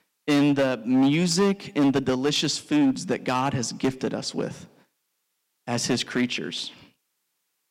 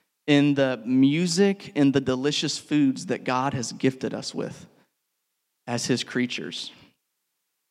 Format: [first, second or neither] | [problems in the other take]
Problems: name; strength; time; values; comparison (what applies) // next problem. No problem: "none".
second | distortion; slight; 7% of the sound clipped